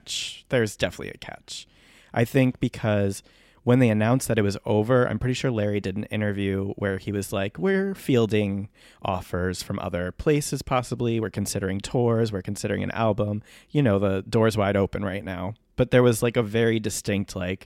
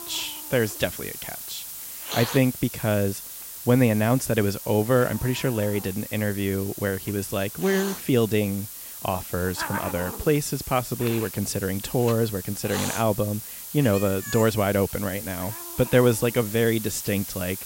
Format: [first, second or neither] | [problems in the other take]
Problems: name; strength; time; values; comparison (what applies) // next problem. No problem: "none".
first | hiss; loud; throughout; 9 dB below the speech